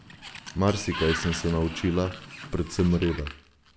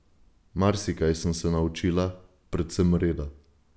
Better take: second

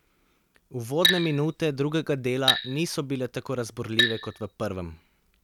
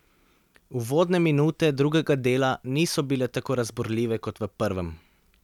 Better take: second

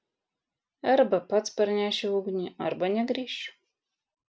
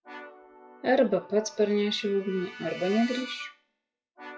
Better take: first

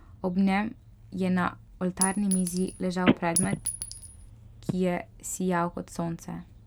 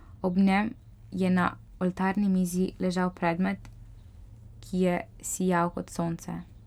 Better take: second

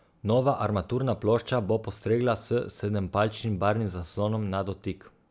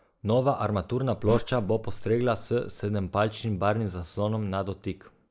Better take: first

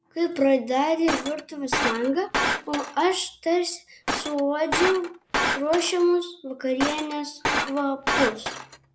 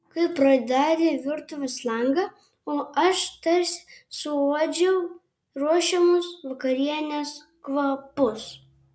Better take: second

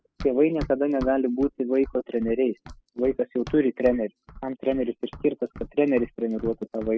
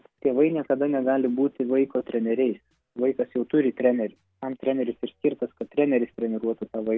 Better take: second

